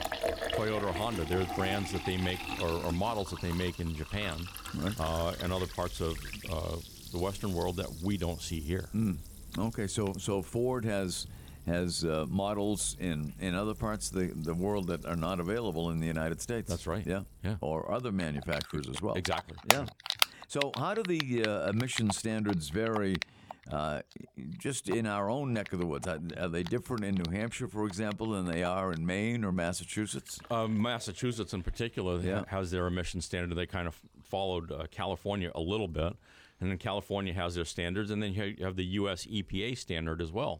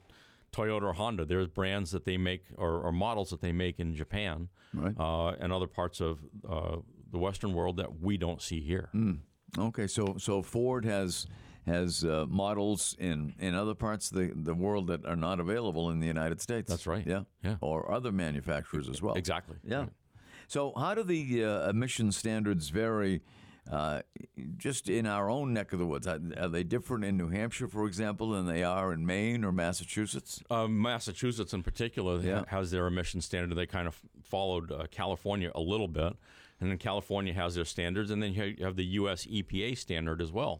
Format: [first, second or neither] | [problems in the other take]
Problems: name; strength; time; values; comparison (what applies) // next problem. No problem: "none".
second | household noises; loud; throughout; 5 dB below the speech